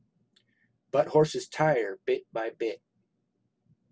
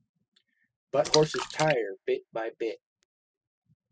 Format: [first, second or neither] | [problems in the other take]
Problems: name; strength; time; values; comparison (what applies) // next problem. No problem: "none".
first | noise reduction (classical method spectral subtraction)